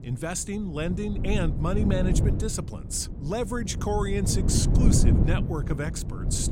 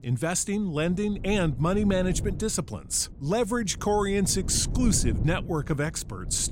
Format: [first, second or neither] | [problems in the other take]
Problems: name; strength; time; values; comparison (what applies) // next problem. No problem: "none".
second | wind noise on the microphone; heavy; 5 dB below the speech; occasional gusts in the second